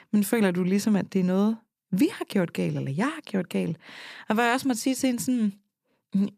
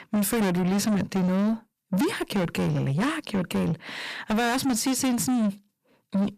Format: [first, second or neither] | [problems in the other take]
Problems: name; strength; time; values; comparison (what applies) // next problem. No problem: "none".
first | distortion; heavy; 7 dB below the speech